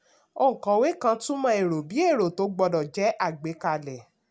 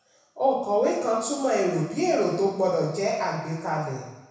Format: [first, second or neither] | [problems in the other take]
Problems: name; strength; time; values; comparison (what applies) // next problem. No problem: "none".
first | room echo; dies away in 1 s